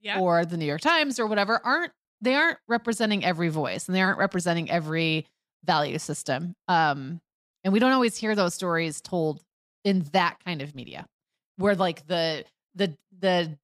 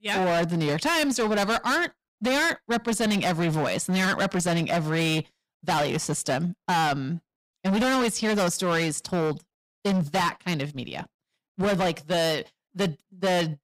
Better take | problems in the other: first | distortion; heavy; 22% of the sound clipped

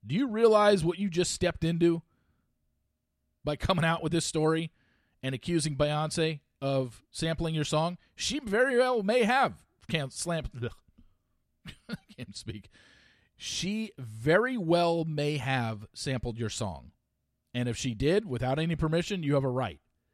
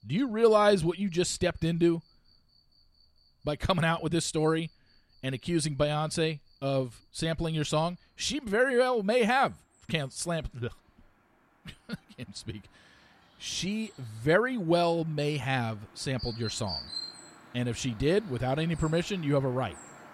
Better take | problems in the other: first | animal sounds; noticeable; throughout; 15 dB below the speech

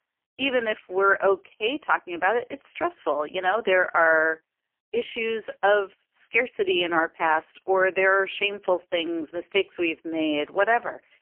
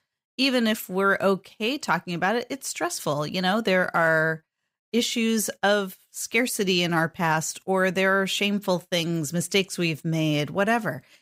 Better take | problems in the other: second | phone-call audio; poor line; nothing above 3 kHz

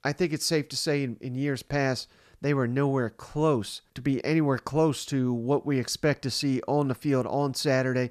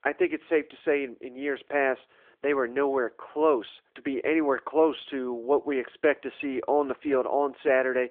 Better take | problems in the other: first | phone-call audio; nothing above 3.5 kHz

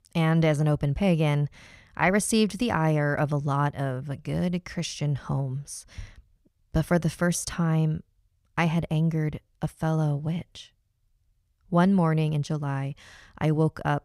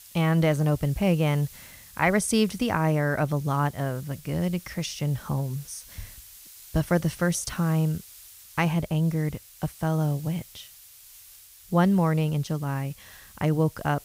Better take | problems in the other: first | hiss; faint; throughout; 20 dB below the speech

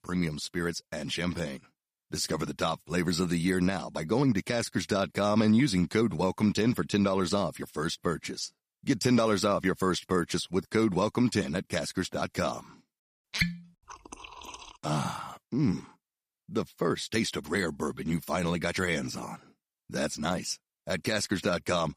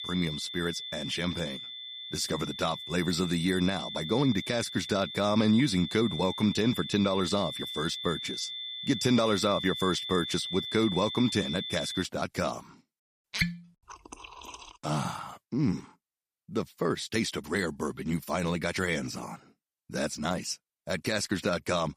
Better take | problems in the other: first | high-pitched whine; loud; until 12 s; 3.5 kHz, 6 dB below the speech

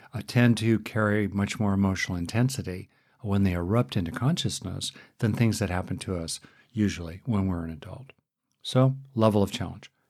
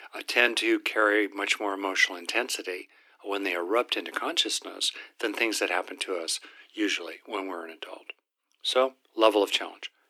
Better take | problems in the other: first | thin; very; fading below 300 Hz

